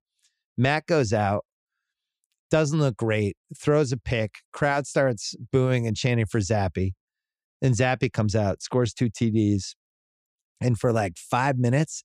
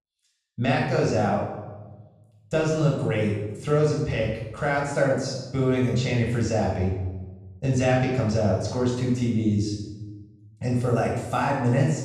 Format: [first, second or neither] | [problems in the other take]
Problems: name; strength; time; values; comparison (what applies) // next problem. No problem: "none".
first | off-mic speech; far // room echo; noticeable; dies away in 0.9 s